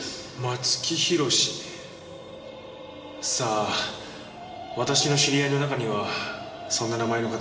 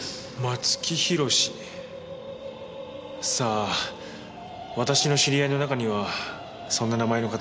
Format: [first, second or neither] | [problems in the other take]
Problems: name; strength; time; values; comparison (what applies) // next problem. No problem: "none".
second | room echo; dies away in 1.7 s